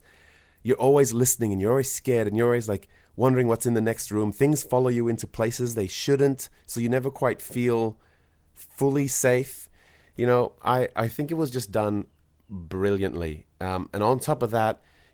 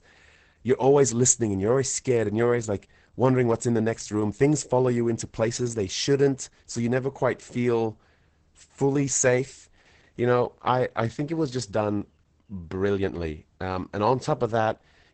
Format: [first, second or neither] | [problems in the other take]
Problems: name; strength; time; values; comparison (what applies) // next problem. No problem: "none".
first | garbled, watery; badly; nothing above 8 kHz; slightly in the first